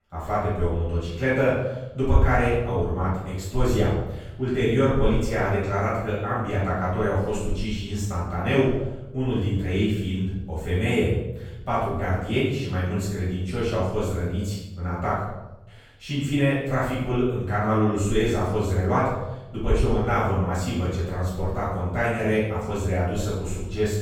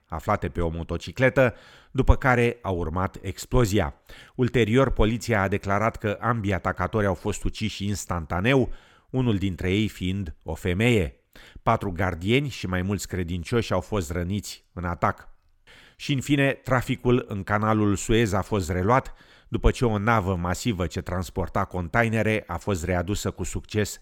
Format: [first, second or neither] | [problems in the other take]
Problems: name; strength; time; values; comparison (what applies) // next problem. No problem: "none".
second | room echo; strong; dies away in 0.9 s // off-mic speech; far